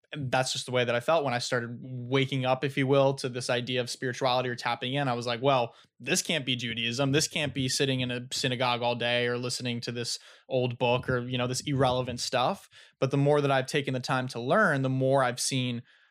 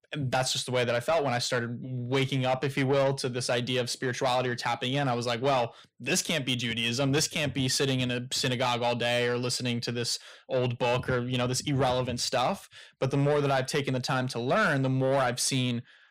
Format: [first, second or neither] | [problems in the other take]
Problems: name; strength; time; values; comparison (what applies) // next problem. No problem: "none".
first | distortion; slight; 10 dB below the speech